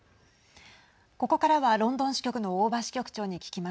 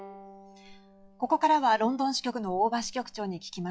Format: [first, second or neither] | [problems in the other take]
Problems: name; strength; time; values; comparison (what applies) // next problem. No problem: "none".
first | noise reduction (classical method log-MMSE)